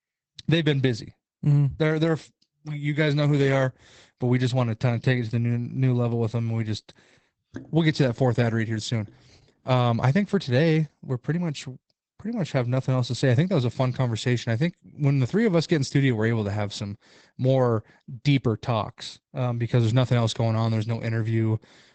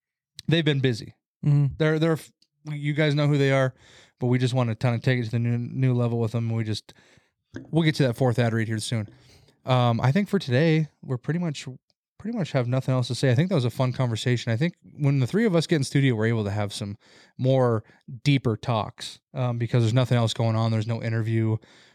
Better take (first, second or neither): second